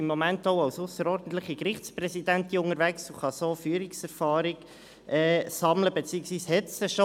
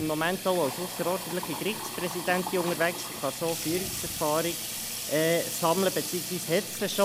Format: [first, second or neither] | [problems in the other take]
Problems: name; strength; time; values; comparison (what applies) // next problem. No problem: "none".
first | background sound (Sink (filling or washing) / Water tap, faucet); 6 dB below the speech